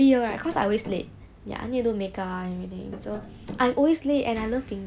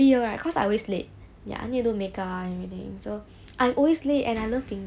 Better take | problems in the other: second | background sound (Tap); 15 dB below the speech

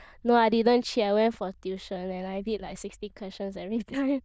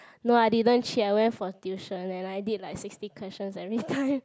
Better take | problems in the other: second | noise reduction (neural diffusion model UNIVERSE++)

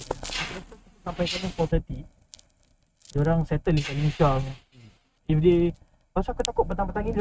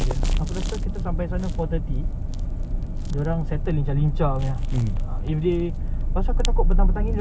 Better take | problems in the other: second | noise reduction (neural mask model RNNoise)

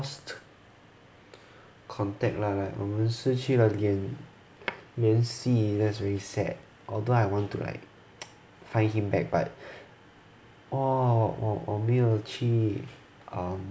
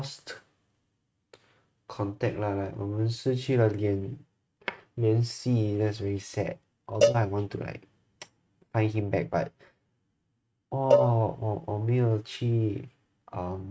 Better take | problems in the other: first | noise reduction (neural mask model RNNoise)

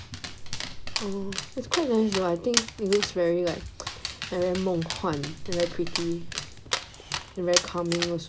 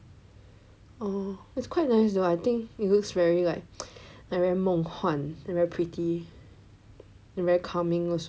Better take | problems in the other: second | background sound (Dog); 4 dB below the speech

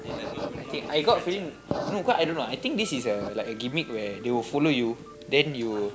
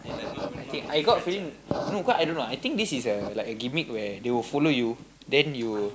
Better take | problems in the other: second | background sound (Piano); 18 dB below the speech

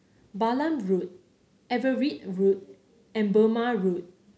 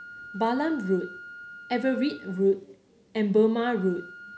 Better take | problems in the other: first | background sound (Wind instrument, woodwind instrument); 17 dB below the speech

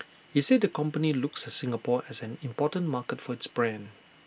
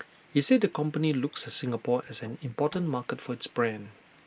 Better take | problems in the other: first | noise reduction (neural mask model Resemble Enhance denoiser)

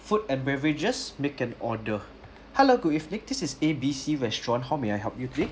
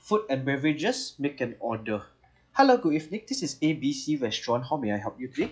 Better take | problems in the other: first | noise reduction (classical method log-MMSE)

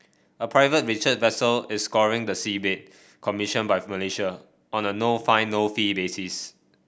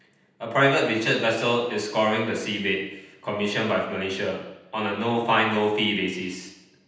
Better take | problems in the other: first | room echo; dies away in 0.9 s

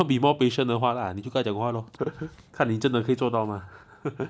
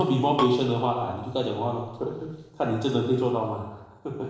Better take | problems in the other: first | noise reduction (neural separator model SepFormer DNS4)

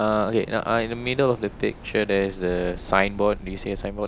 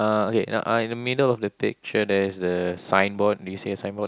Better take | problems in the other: second | background sound (Waves, surf); 15 dB below the speech

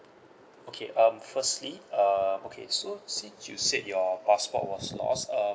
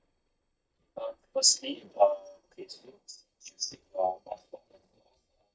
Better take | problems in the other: first | noise reduction (neural mask model DeepFilterNet 3)

